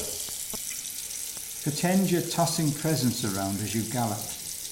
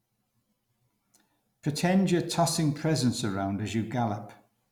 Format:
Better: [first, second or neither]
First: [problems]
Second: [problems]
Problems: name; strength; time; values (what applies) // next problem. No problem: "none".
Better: second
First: background sound (Water tap, faucet); 6 dB below the speech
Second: none